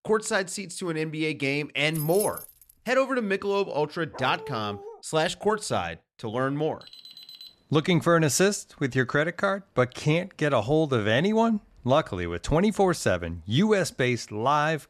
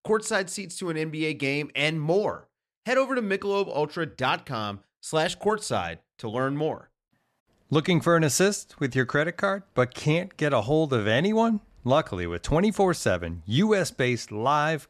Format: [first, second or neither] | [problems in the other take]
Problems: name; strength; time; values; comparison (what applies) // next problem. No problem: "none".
second | jangling keys; noticeable; at 2 s; peak 7 dB below the speech // dog barking; faint; at 4 s; peak 15 dB below the speech // alarm; faint; at 7 s; peak 15 dB below the speech